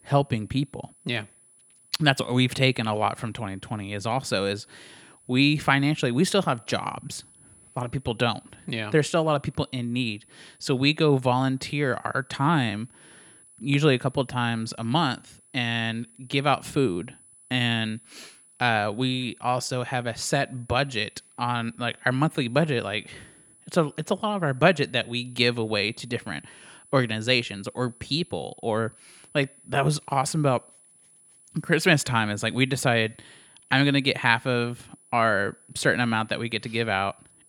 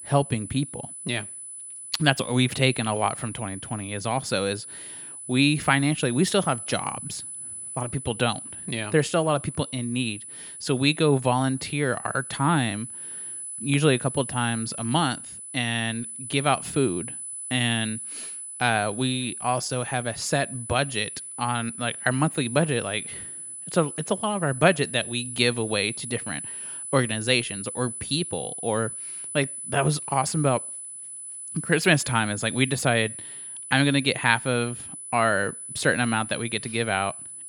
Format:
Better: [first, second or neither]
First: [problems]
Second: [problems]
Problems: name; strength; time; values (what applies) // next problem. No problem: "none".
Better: first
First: high-pitched whine; faint; throughout; 10 kHz, 25 dB below the speech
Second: high-pitched whine; loud; throughout; 10 kHz, 9 dB below the speech